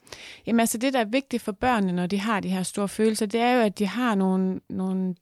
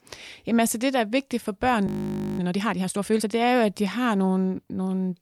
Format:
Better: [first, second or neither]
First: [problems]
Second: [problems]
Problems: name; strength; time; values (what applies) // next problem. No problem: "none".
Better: first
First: none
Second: audio freezing; at 2 s for 0.5 s